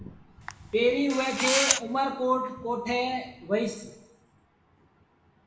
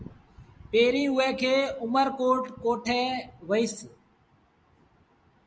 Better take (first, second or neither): second